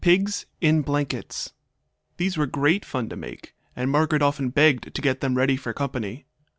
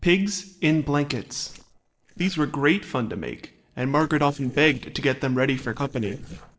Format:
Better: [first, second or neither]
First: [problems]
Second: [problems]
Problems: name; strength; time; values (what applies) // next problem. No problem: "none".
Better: first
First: none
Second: noise reduction (neural separator model SepFormer DNS4)